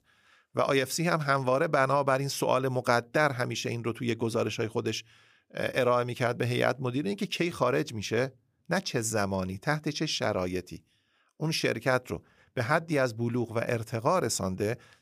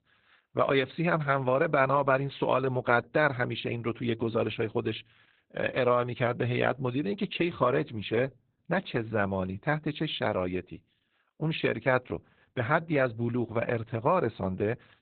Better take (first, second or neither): first